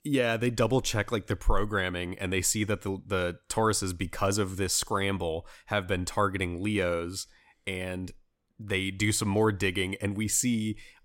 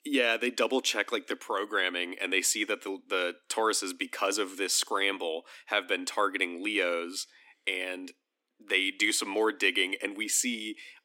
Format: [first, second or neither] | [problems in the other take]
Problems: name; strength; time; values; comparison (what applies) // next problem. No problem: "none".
first | thin; somewhat; fading below 250 Hz